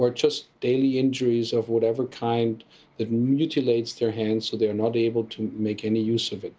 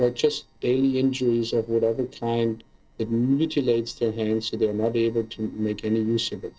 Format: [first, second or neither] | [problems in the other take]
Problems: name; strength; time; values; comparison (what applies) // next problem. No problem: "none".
first | noise reduction (neural separator model SepFormer DNS4)